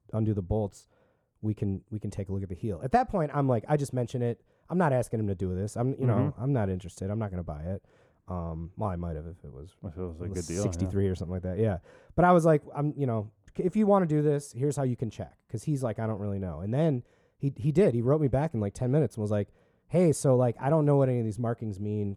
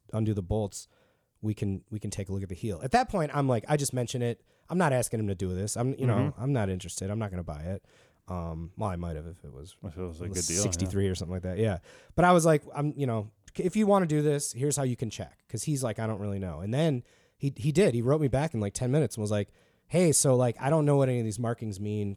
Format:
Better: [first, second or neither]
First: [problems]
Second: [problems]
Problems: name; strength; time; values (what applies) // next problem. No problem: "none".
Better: second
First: muffled; slightly; fading above 2 kHz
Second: none